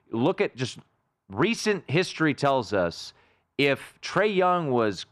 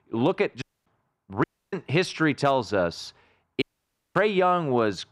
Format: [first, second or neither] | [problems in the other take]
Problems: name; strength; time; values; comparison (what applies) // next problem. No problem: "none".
first | audio cutting out; at 0.5 s, at 1.5 s and at 3.5 s for 0.5 s